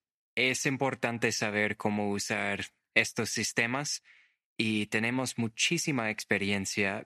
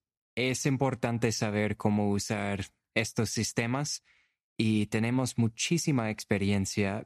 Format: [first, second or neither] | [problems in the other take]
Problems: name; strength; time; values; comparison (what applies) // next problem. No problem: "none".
second | thin; very slightly; fading below 550 Hz